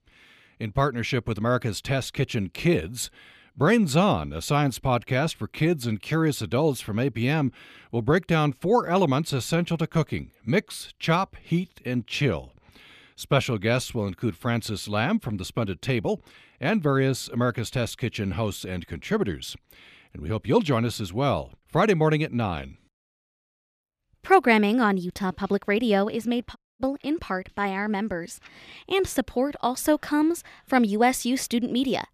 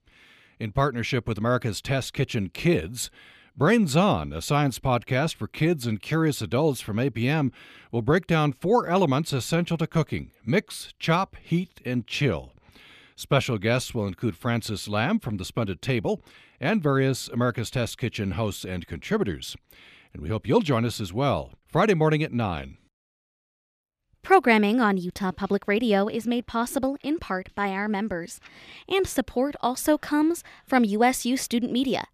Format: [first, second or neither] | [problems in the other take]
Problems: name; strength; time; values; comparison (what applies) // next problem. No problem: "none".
second | audio cutting out; at 27 s